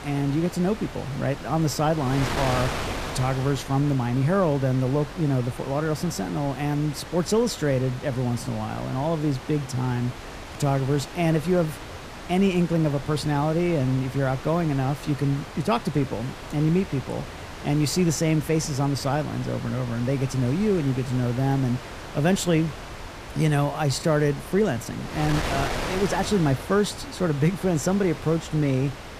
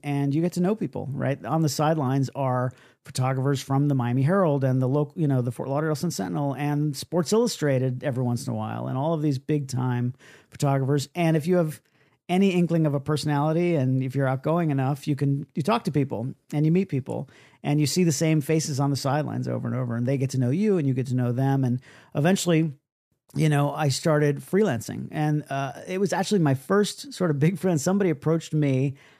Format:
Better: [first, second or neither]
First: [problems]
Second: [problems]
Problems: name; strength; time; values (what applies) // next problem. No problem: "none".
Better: second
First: wind noise on the microphone; heavy; 8 dB below the speech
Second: none